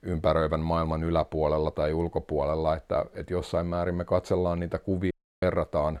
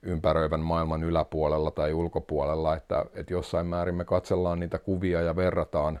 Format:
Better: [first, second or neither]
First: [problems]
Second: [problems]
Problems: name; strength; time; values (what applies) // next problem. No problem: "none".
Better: second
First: audio cutting out; at 5 s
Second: none